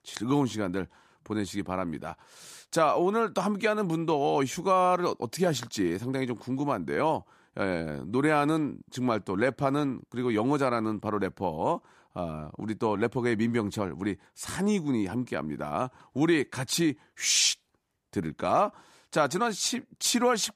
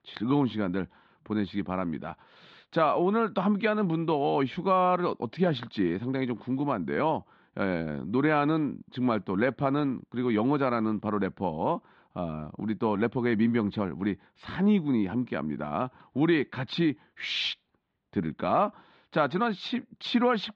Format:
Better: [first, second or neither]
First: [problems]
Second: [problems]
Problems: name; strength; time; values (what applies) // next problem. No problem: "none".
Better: first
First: none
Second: muffled; slightly; fading above 3.5 kHz